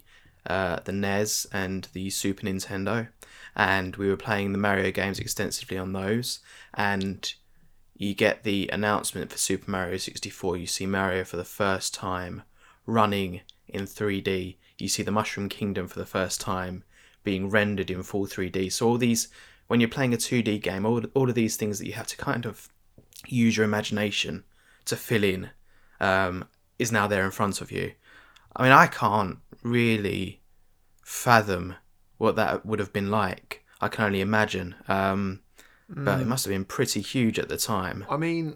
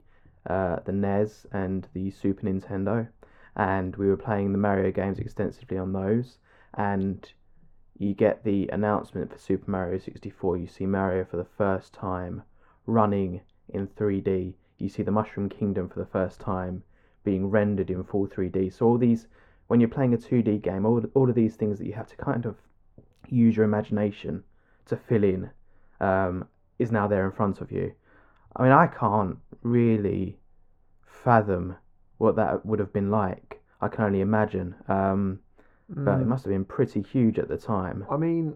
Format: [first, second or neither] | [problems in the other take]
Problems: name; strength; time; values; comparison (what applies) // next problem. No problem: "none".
first | muffled; very; fading above 2.5 kHz